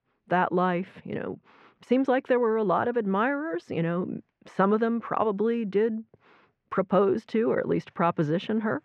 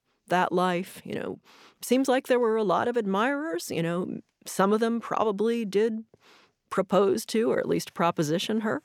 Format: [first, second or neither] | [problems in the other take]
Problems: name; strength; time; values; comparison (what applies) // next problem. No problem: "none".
second | muffled; very; fading above 2 kHz